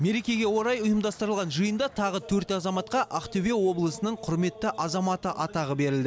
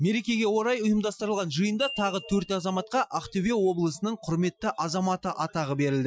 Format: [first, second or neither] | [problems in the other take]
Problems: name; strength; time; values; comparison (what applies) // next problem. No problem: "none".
first | noise reduction (classical method Wiener filter)